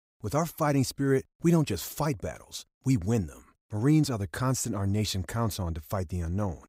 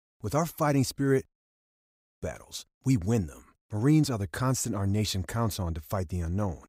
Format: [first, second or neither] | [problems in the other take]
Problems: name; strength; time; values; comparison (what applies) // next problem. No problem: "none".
first | audio cutting out; at 1.5 s for 1 s